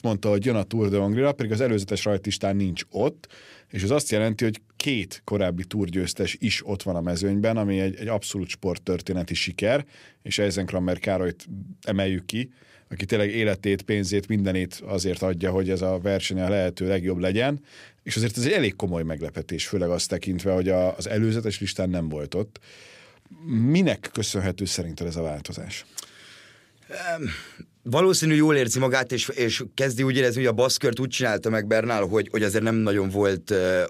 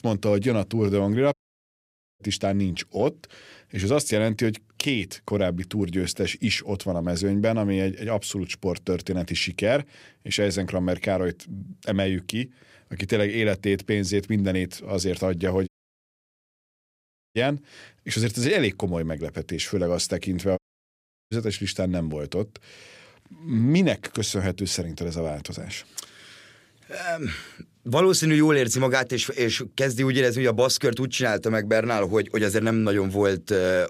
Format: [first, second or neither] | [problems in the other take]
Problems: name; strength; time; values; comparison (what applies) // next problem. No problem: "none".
first | audio cutting out; at 1.5 s for 1 s, at 16 s for 1.5 s and at 21 s for 0.5 s